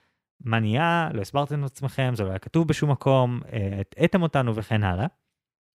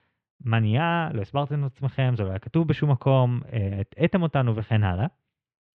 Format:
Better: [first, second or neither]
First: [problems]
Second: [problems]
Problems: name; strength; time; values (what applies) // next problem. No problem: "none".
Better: first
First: none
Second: muffled; slightly; fading above 3.5 kHz